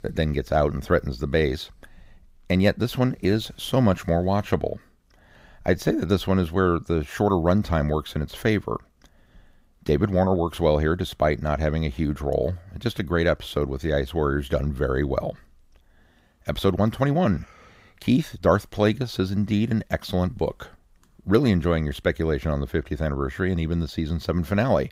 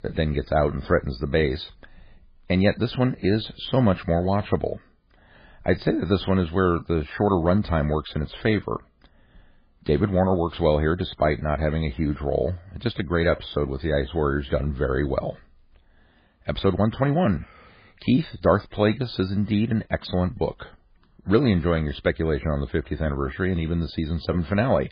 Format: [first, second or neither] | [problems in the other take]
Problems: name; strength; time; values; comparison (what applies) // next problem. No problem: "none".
first | garbled, watery; badly; nothing above 4.5 kHz